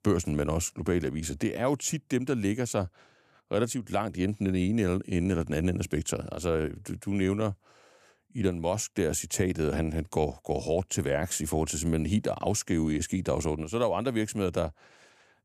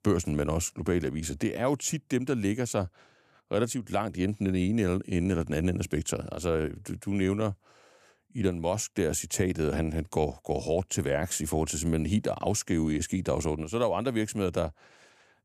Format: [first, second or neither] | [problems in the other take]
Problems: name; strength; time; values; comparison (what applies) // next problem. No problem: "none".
neither | none